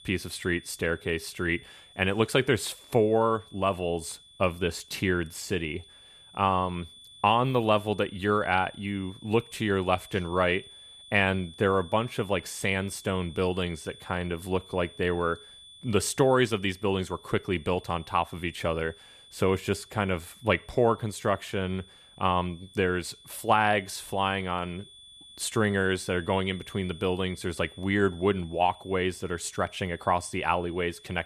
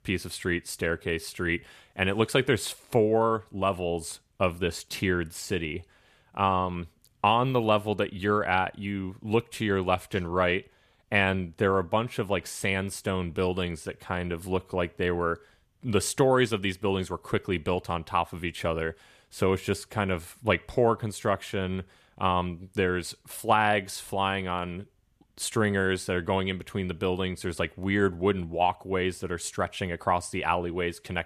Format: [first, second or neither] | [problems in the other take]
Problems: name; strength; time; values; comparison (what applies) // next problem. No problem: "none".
second | high-pitched whine; faint; throughout; 3.5 kHz, 20 dB below the speech